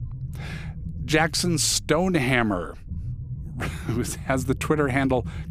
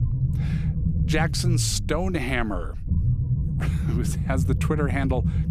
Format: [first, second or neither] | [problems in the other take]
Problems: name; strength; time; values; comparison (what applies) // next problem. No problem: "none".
first | low rumble; loud; throughout; 8 dB below the speech; faint in the first